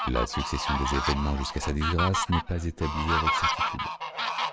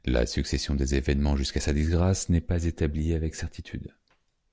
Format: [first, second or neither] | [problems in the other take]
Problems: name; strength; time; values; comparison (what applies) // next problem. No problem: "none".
second | background sound (Fowl); as loud as the speech